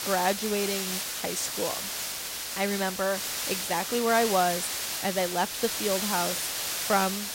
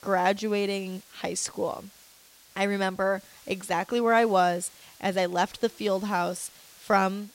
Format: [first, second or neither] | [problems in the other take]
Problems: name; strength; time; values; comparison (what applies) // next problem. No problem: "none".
second | hiss; loud; throughout; 1 dB below the speech; faint in the second